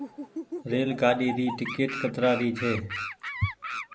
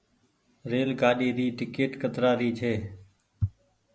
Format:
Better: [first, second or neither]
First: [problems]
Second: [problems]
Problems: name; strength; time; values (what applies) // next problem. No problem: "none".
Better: second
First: background sound (Animal); 8 dB below the speech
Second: none